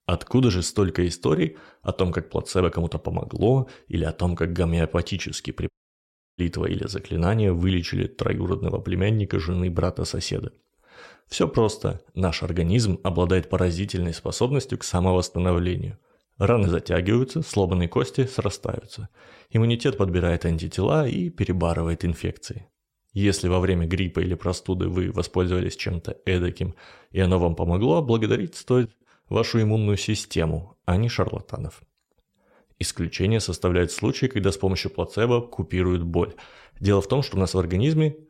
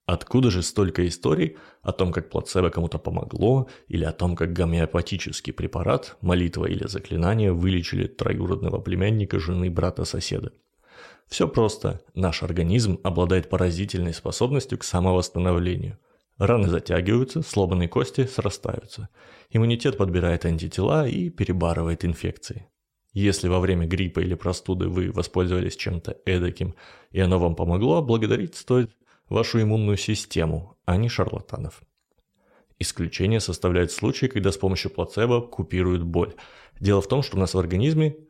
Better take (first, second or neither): second